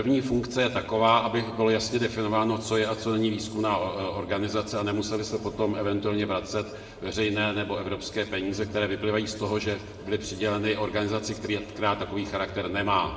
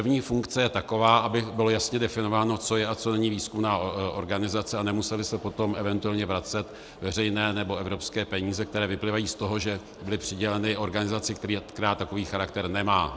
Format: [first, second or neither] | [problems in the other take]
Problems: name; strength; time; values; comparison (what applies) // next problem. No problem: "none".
second | room echo; dies away in 1.2 s